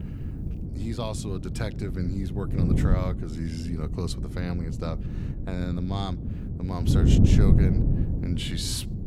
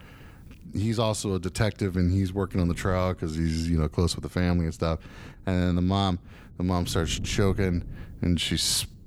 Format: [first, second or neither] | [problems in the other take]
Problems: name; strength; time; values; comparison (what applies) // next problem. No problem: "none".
second | wind noise on the microphone; heavy; 2 dB below the speech; occasional gusts in the second